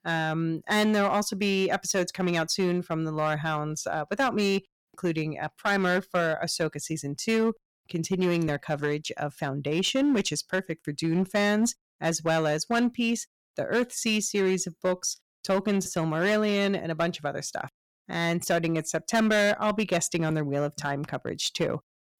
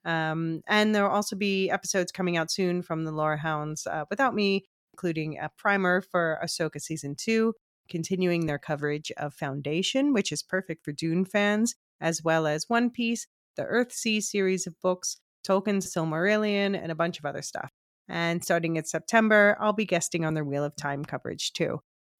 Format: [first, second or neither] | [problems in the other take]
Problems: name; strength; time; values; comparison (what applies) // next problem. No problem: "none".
second | distortion; slight; 6% of the sound clipped